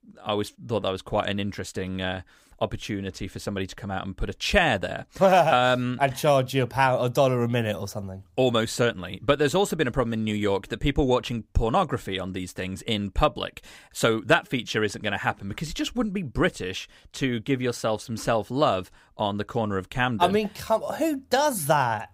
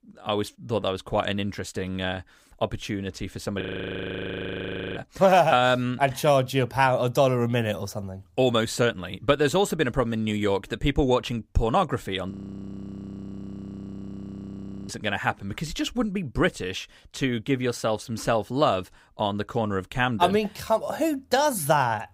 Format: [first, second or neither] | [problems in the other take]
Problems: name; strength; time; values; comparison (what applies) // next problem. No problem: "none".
first | audio freezing; at 3.5 s for 1.5 s and at 12 s for 2.5 s